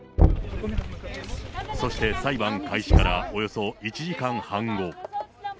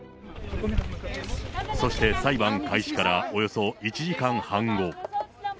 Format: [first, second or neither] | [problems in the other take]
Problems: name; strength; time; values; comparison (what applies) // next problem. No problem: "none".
second | background sound (Knock); 2 dB above the speech